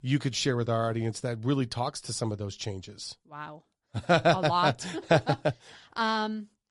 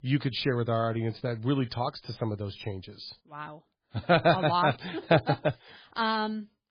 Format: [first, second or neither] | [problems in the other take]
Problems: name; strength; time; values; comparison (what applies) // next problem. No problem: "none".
first | garbled, watery; badly; nothing above 4 kHz; slightly in the first